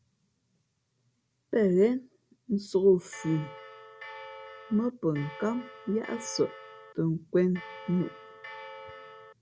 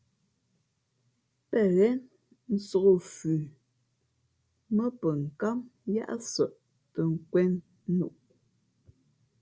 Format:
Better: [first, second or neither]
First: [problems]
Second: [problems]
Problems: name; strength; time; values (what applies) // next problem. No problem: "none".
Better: second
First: background sound (Bell); 15 dB below the speech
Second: none